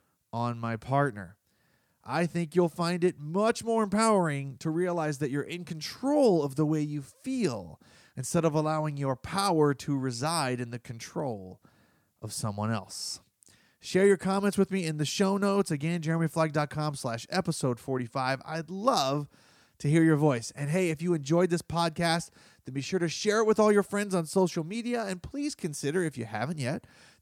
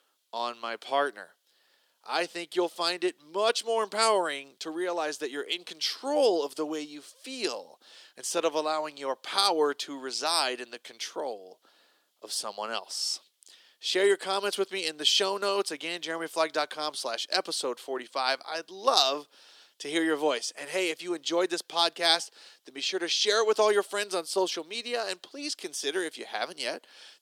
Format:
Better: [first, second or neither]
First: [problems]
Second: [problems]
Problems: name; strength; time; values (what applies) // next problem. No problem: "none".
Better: first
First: none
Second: thin; very; fading below 350 Hz